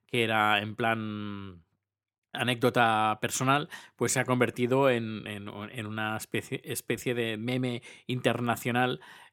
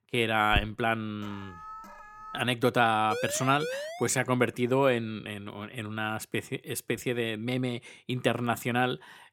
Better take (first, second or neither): first